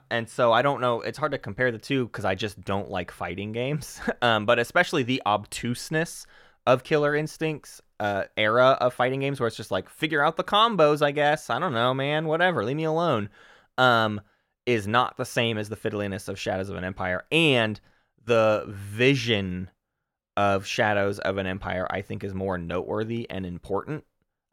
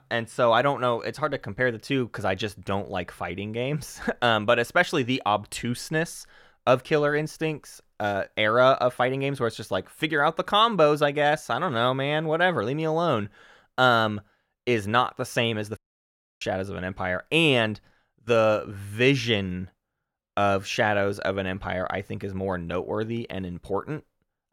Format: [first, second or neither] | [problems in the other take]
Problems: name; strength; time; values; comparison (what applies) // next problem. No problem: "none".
first | audio cutting out; at 16 s for 0.5 s